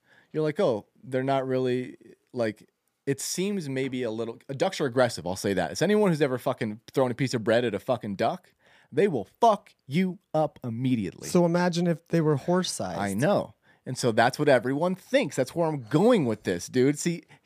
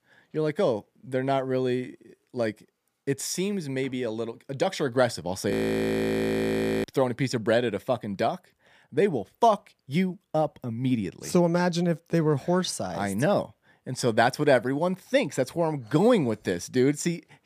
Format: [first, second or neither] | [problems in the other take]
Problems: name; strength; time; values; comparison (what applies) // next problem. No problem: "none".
first | audio freezing; at 5.5 s for 1.5 s